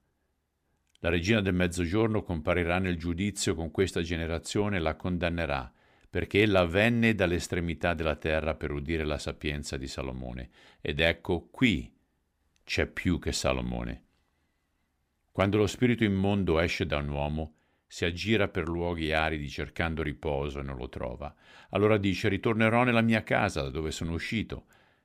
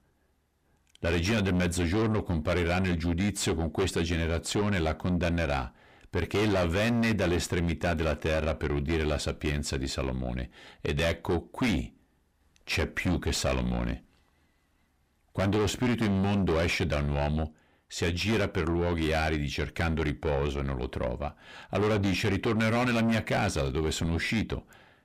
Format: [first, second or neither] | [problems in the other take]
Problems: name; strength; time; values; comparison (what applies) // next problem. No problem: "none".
first | distortion; heavy; 6 dB below the speech